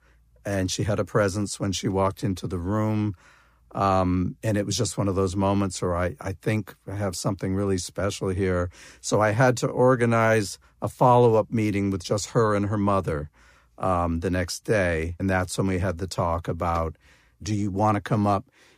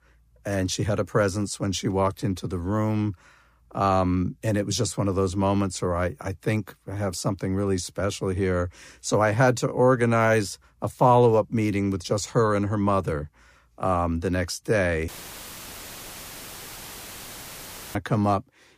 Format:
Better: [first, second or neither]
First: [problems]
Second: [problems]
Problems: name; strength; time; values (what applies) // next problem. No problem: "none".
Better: first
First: none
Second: audio cutting out; filled with static; at 15 s for 3 s